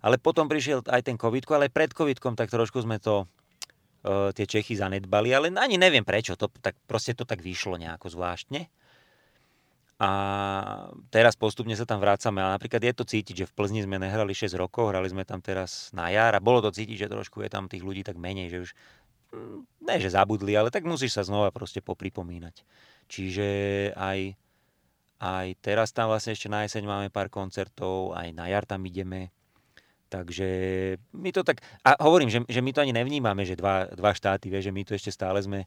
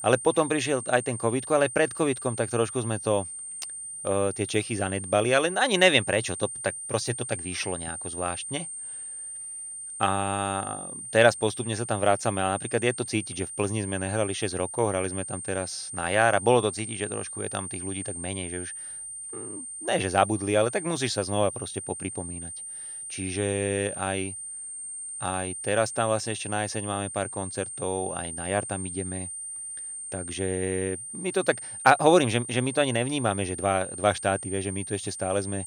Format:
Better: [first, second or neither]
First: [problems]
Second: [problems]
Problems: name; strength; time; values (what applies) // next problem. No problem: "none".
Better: first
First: none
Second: high-pitched whine; loud; throughout; 9 kHz, 8 dB below the speech